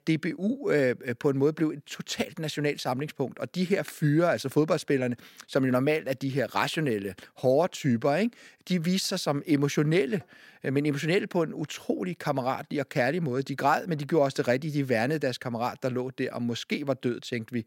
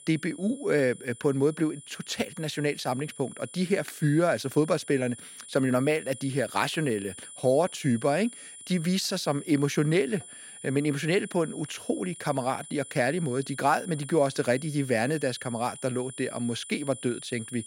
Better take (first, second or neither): first